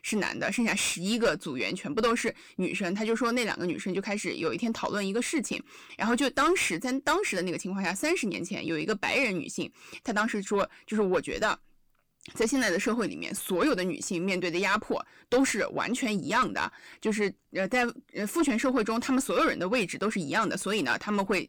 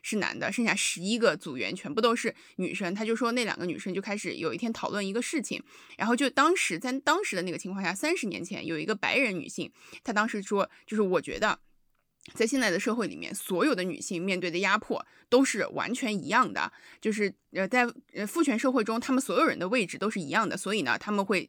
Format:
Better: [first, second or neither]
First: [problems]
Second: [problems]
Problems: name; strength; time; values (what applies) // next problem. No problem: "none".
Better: second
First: distortion; slight; 10 dB below the speech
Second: none